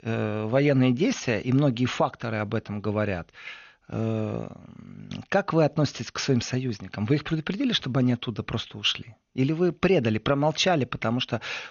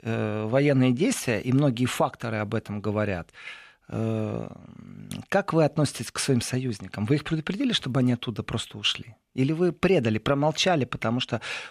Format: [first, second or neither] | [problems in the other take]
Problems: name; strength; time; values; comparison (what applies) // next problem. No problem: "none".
second | garbled, watery; slightly; nothing above 6.5 kHz